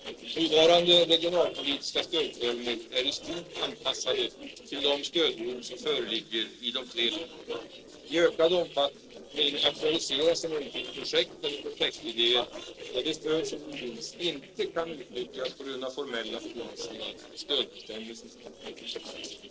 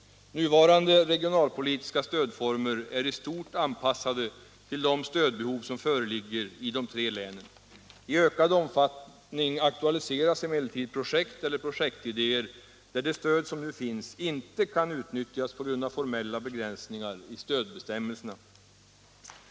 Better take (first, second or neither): second